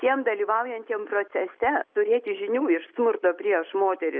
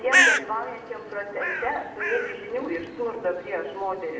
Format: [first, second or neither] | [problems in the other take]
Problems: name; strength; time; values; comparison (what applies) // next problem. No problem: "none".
first | background sound (Bird); 2 dB above the speech // room echo; dies away in 0.7 s